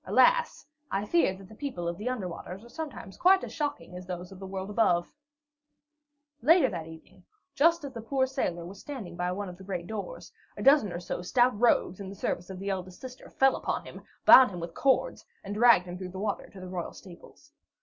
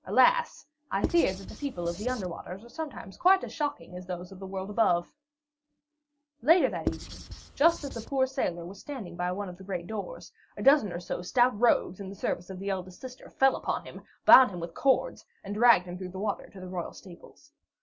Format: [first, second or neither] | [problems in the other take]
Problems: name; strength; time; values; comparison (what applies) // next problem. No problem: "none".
first | background sound (Writing); 8 dB below the speech